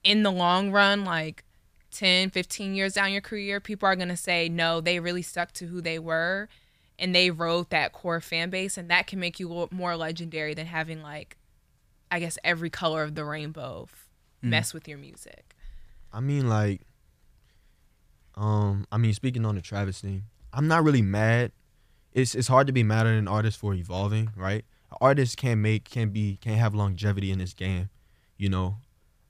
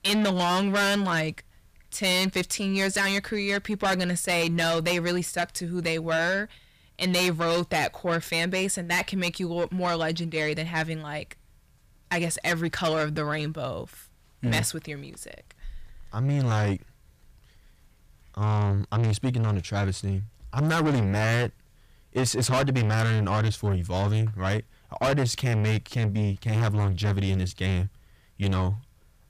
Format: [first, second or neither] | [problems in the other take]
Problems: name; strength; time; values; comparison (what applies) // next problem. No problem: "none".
first | distortion; heavy; 6 dB below the speech